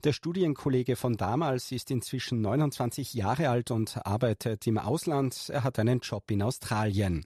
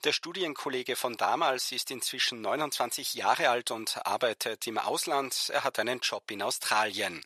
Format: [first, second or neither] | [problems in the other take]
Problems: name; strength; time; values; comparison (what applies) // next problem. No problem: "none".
first | thin; very; fading below 700 Hz